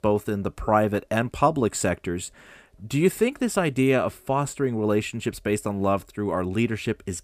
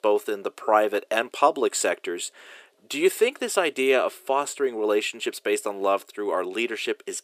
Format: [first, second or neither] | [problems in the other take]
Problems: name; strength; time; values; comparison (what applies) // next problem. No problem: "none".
first | thin; somewhat; fading below 400 Hz